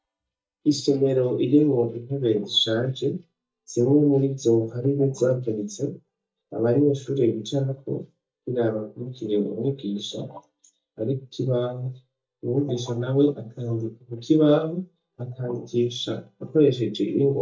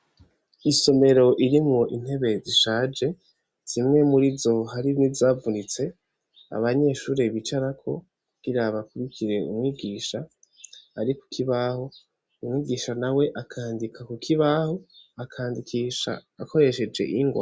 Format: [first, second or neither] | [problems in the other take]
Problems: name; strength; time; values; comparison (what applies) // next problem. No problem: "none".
second | noise reduction (neural mask model DeepFilterNet 3)